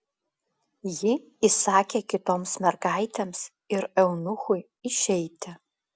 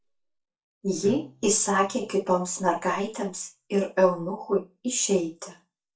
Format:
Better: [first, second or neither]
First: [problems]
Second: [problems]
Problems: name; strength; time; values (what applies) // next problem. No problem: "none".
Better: first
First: none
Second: noise reduction (neural mask model DeepFilterNet 3)